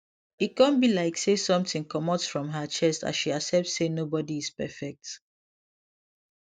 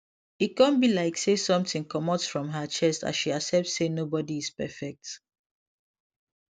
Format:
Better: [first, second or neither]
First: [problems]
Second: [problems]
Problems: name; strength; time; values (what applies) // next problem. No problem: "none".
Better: second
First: noise reduction (neural mask model DeepFilterNet 3)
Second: none